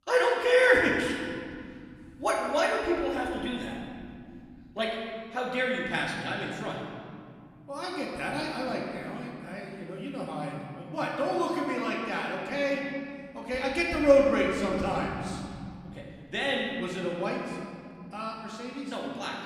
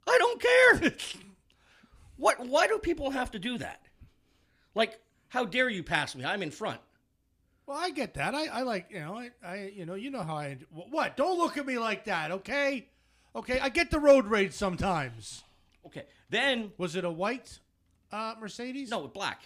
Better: second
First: room echo; noticeable; dies away in 2.6 s // off-mic speech; far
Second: none

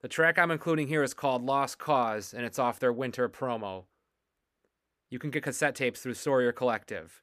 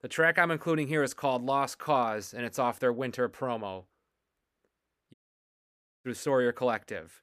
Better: first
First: none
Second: audio cutting out; at 5 s for 1 s

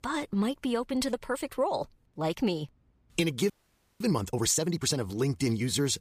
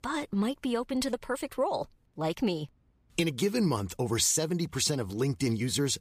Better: second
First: audio freezing; at 3.5 s for 0.5 s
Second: none

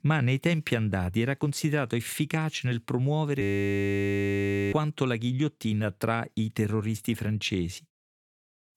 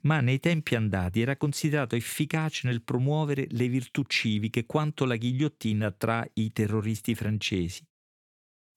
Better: second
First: audio freezing; at 3.5 s for 1.5 s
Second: none

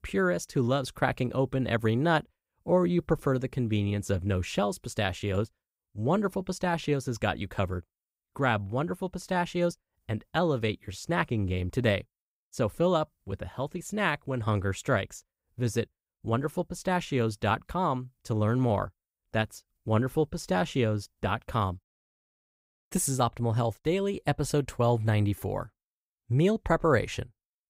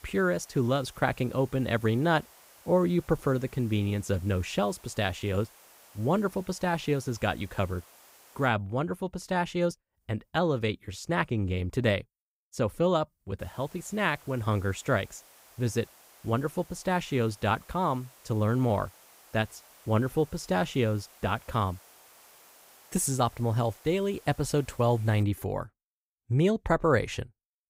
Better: first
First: none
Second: hiss; faint; until 8.5 s and from 13 to 25 s; 25 dB below the speech

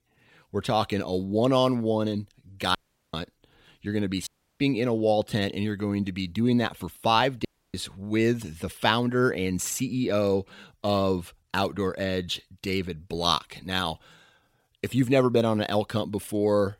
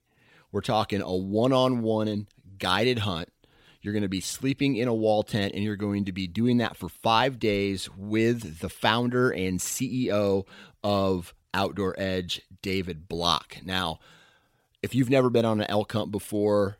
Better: second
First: audio cutting out; at 3 s, at 4.5 s and at 7.5 s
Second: none

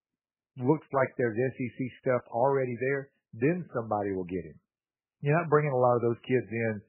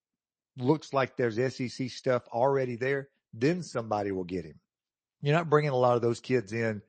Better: second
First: garbled, watery; badly; nothing above 2.5 kHz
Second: garbled, watery; slightly; nothing above 8 kHz

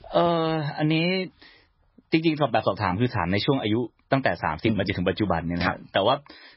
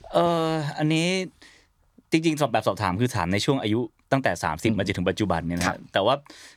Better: second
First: garbled, watery; badly; nothing above 5.5 kHz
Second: none

